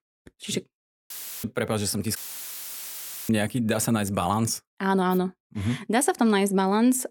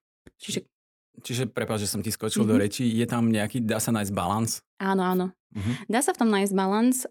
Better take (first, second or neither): second